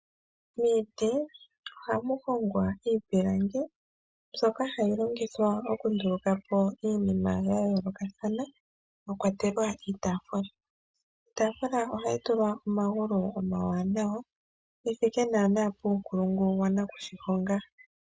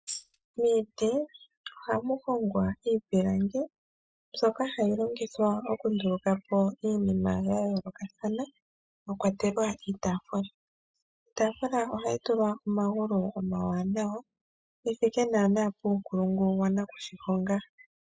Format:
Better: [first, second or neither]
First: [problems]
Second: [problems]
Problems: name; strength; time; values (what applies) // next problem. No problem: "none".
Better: first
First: none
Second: noise reduction (classical method spectral subtraction)